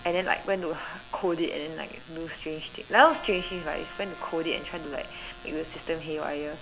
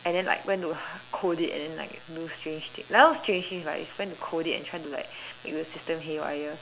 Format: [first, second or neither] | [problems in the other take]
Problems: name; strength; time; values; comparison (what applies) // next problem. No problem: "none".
second | background sound (Trumpet + Thunder); 18 dB below the speech